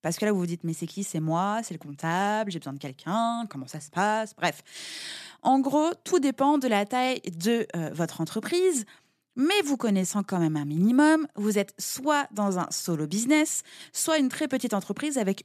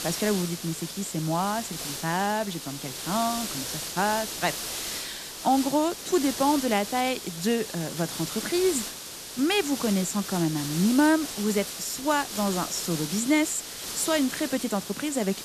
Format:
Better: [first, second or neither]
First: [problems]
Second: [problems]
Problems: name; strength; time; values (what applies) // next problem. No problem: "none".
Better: first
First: none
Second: hiss; loud; throughout; 6 dB below the speech